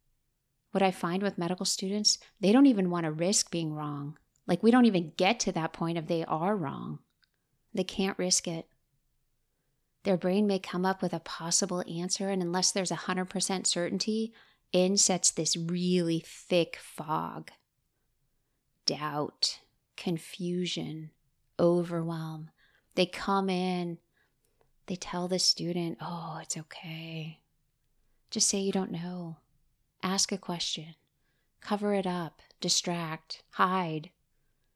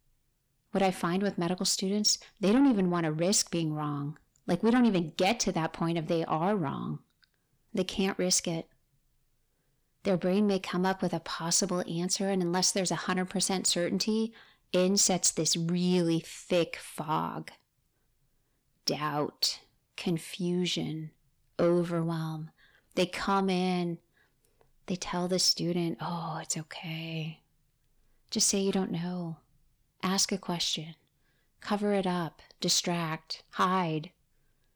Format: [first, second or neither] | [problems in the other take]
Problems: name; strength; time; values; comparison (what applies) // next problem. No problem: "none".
first | distortion; slight; 10 dB below the speech